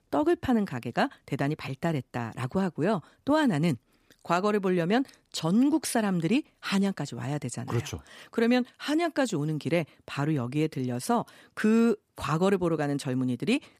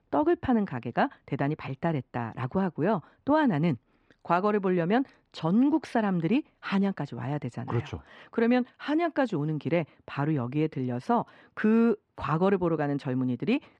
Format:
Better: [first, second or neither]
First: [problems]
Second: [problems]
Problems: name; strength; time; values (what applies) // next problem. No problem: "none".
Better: first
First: none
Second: muffled; slightly; fading above 2.5 kHz